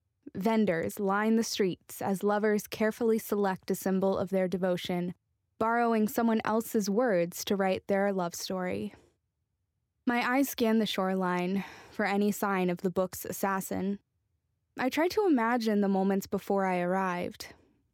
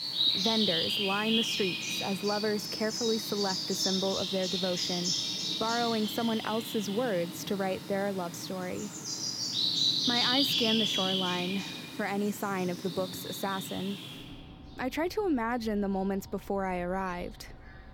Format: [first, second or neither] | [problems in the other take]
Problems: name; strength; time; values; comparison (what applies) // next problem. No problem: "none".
first | animal sounds; very loud; throughout; 3 dB above the speech